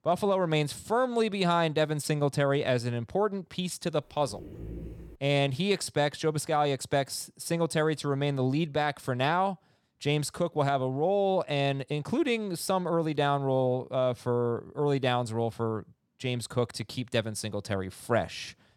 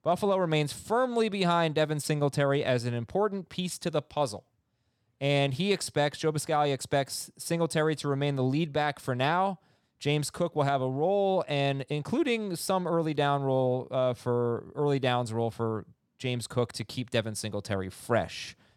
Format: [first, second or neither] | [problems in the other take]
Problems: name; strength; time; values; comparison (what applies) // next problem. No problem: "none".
second | dog barking; faint; at 4 s; peak 10 dB below the speech